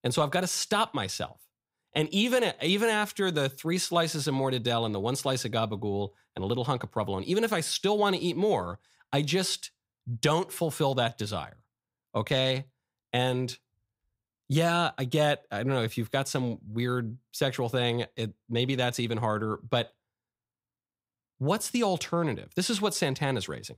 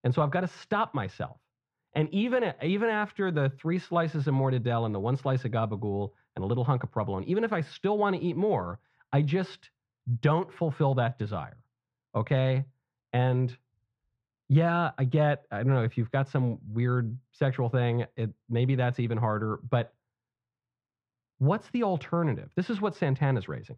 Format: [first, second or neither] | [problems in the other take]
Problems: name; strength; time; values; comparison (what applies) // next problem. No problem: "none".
first | muffled; very; fading above 1.5 kHz